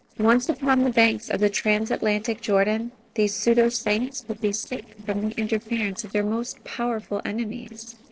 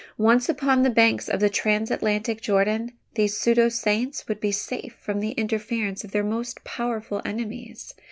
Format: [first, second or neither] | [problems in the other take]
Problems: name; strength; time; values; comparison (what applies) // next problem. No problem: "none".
second | noise reduction (neural separator model SepFormer DNS4)